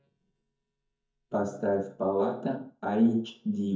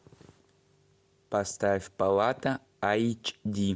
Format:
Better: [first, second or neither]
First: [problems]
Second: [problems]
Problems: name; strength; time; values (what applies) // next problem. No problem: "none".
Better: second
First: noise reduction (neural mask model DeepFilterNet 3)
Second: none